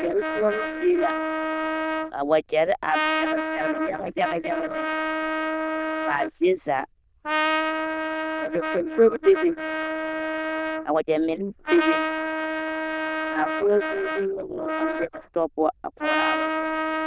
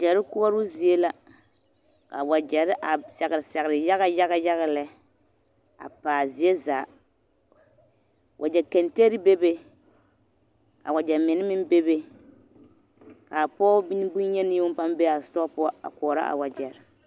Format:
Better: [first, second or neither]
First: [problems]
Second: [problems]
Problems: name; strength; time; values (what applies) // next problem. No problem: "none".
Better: second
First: noise reduction (neural diffusion model UNIVERSE++)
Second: none